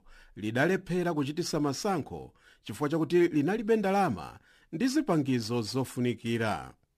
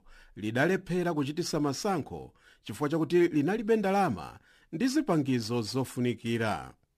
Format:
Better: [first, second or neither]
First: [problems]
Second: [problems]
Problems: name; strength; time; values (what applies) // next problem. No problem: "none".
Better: neither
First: none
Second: none